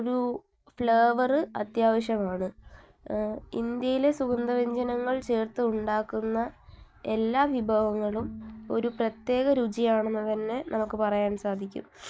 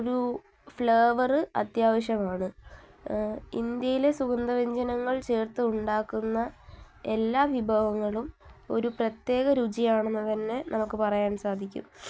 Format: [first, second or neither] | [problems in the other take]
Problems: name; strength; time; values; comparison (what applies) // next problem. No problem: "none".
second | noise reduction (neural mask model DeepFilterNet 3)